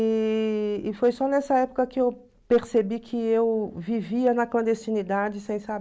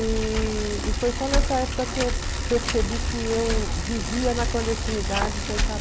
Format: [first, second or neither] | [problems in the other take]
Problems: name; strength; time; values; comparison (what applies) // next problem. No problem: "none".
first | background sound (Bicycle); 2 dB above the speech